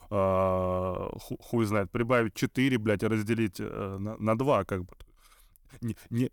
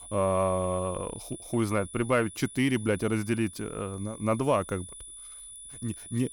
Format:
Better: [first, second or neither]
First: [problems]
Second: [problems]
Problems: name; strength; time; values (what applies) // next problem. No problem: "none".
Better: first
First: none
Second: high-pitched whine; noticeable; throughout; 10 kHz, 15 dB below the speech